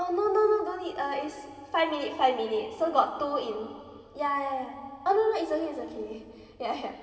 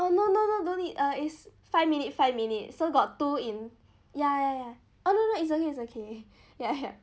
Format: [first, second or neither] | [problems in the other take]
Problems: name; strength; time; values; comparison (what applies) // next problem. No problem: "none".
second | room echo; dies away in 2.3 s